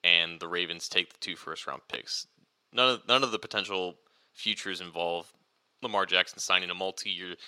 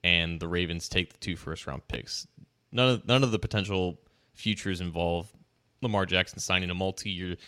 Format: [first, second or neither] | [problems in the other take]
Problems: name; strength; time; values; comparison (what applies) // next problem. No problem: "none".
second | thin; somewhat; fading below 350 Hz